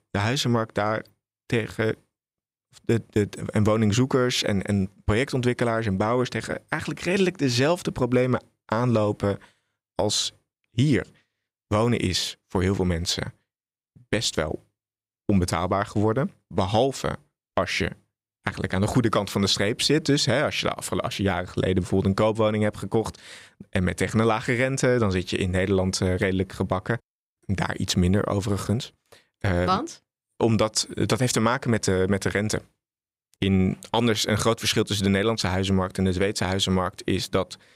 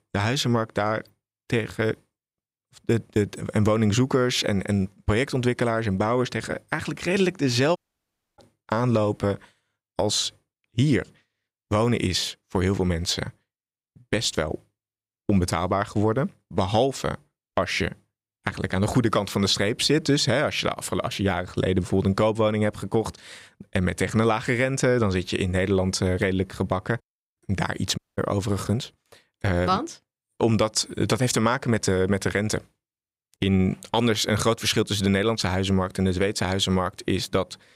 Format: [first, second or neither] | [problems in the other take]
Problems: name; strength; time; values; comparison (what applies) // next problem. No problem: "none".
first | audio cutting out; at 8 s for 0.5 s and at 28 s